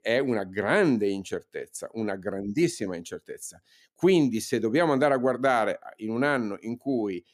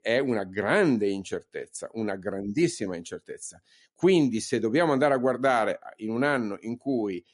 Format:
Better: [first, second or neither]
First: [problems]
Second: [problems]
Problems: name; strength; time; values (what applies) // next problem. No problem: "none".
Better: first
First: none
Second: garbled, watery; slightly; nothing above 10.5 kHz